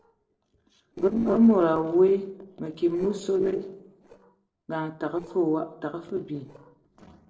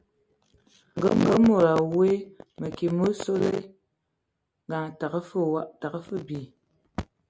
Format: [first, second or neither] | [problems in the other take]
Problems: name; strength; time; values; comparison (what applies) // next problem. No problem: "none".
second | noise reduction (neural separator model SepFormer DNS4)